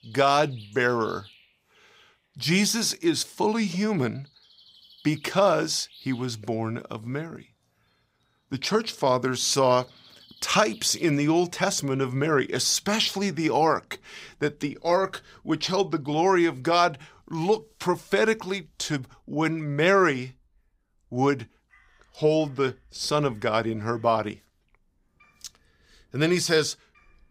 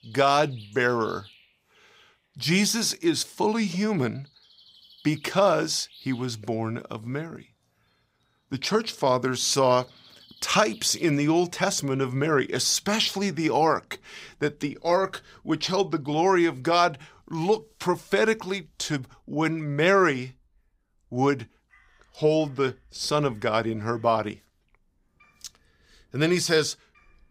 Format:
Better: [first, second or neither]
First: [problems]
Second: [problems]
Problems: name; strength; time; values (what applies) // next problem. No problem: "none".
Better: neither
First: animal sounds; faint; throughout; 30 dB below the speech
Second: animal sounds; faint; throughout; 30 dB below the speech